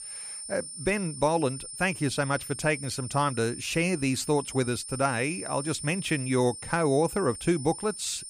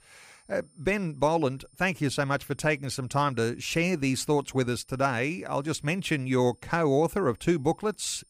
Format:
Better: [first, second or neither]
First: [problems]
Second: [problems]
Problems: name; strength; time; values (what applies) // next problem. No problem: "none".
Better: second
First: high-pitched whine; loud; throughout; 9 kHz, 9 dB below the speech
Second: high-pitched whine; faint; throughout; 9 kHz, 35 dB below the speech